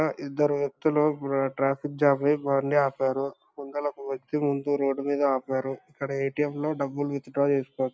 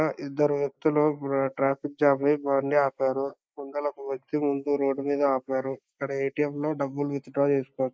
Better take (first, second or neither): first